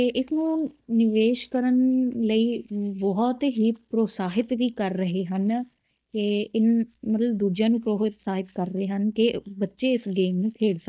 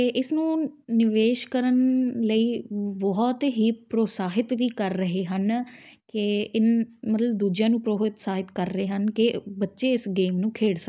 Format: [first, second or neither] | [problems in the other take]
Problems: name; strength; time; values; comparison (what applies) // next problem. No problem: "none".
second | noise reduction (neural mask model DeepFilterNet 3)